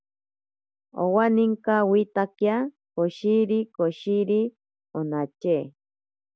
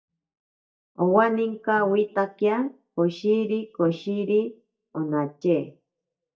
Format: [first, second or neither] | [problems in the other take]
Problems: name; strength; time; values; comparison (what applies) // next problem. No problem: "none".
first | noise reduction (neural mask model DeepFilterNet 3)